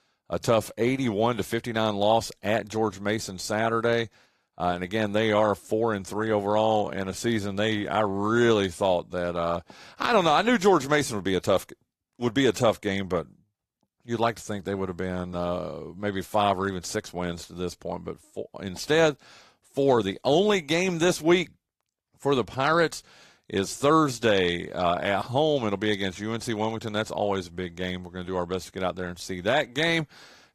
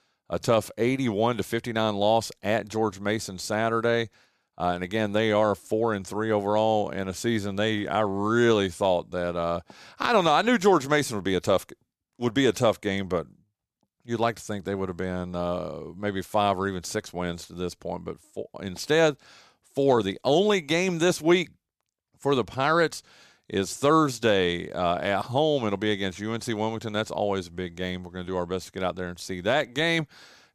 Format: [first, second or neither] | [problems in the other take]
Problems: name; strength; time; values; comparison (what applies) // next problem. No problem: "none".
second | garbled, watery; slightly; nothing above 14 kHz